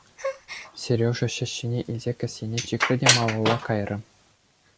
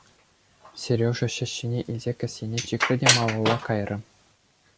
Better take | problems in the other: second | background sound (Gasp); 14 dB below the speech

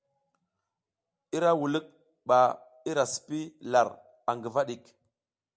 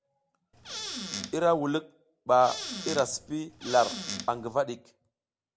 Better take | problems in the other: first | background sound (Squeak / Cupboard open or close); 9 dB below the speech

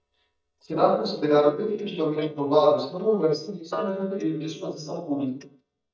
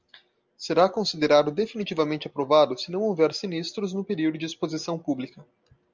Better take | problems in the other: second | noise reduction (neural mask model DeepFilterNet 3)

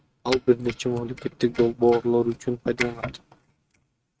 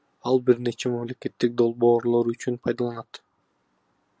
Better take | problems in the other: second | noise reduction (neural mask model RNNoise)

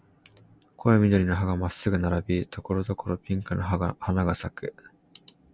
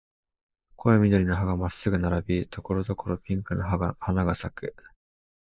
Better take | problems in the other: first | noise reduction (neural mask model Resemble Enhance denoiser)

